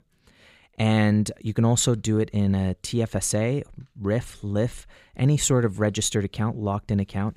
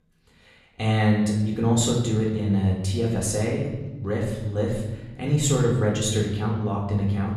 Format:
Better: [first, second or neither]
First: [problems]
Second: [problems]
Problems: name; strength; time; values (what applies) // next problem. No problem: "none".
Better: first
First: none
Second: off-mic speech; far // room echo; noticeable; dies away in 1 s